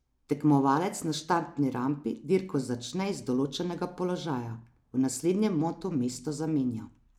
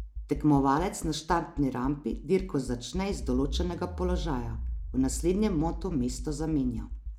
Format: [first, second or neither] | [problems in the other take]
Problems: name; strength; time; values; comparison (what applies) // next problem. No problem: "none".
first | background sound (Accelerating, revving, vroom); 7 dB below the speech